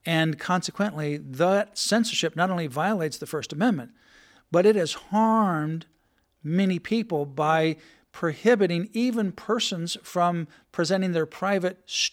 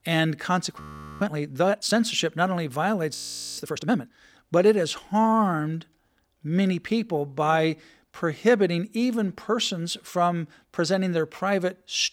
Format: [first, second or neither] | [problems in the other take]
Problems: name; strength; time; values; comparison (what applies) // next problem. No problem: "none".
first | audio freezing; at 1 s and at 3 s